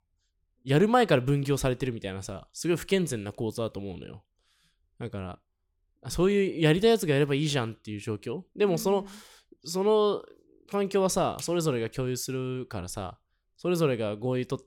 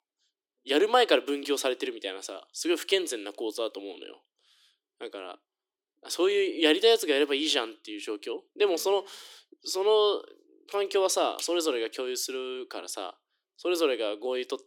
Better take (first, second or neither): first